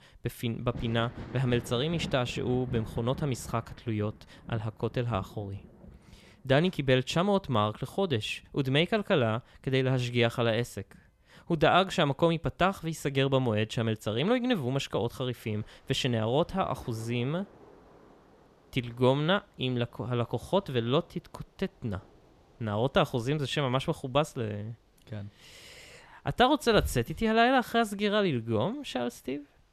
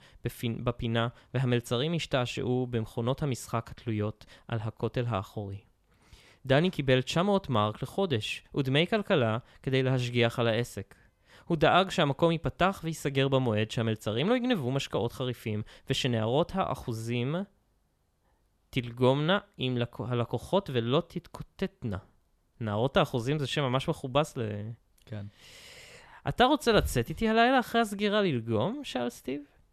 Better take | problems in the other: second | rain or running water; noticeable; throughout; 20 dB below the speech

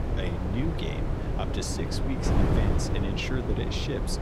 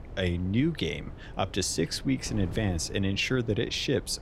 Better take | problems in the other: second | wind noise on the microphone; heavy; 1 dB above the speech; occasional gusts in the second

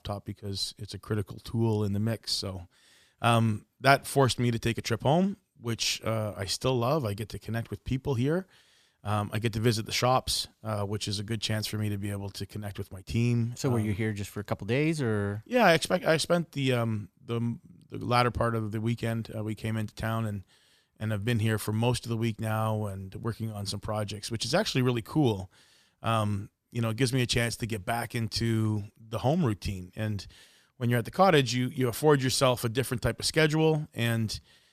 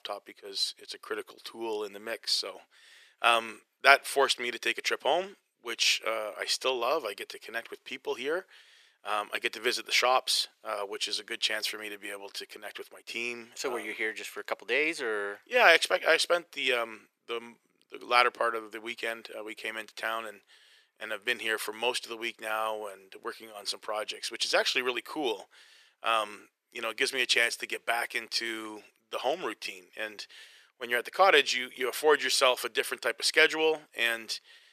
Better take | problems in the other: first | thin; very; fading below 400 Hz

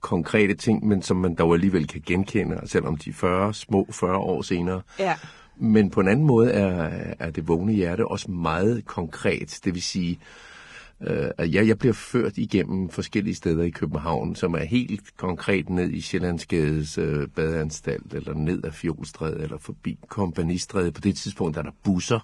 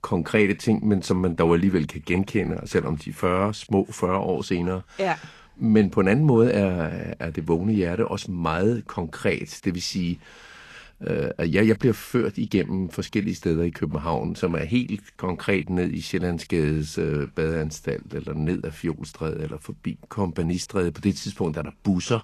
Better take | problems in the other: second | garbled, watery; badly; nothing above 10 kHz; slightly in the second

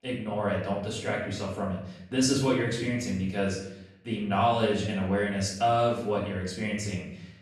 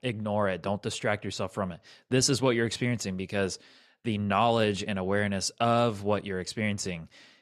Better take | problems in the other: second | off-mic speech; far // room echo; noticeable; dies away in 0.7 s

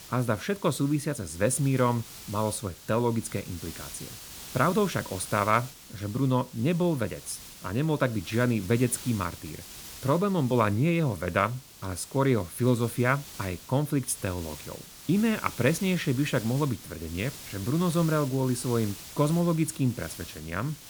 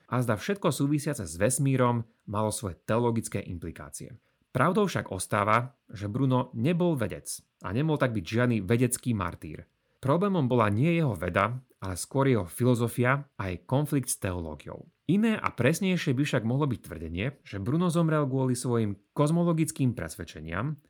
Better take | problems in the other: second | hiss; noticeable; throughout; 15 dB below the speech

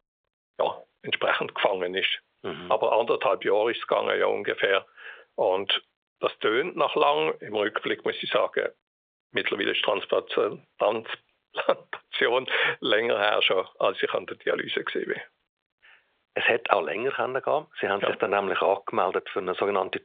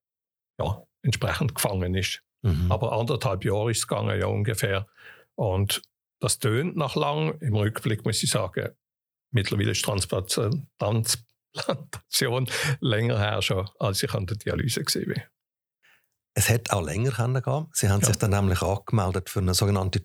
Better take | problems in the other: second | phone-call audio; nothing above 3 kHz

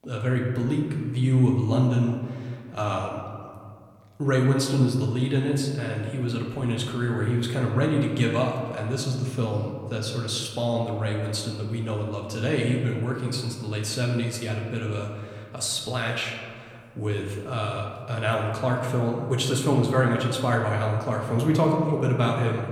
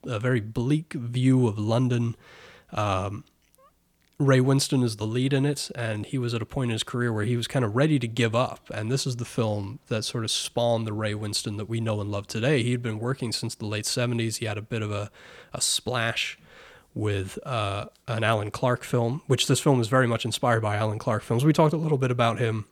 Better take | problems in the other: second | room echo; noticeable; dies away in 1.7 s // off-mic speech; somewhat distant

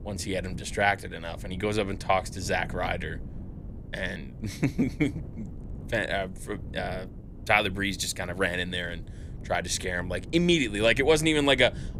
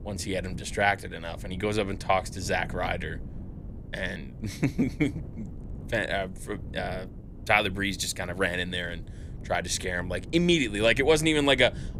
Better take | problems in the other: neither | wind noise on the microphone; occasional gusts; 25 dB below the speech; the same in both

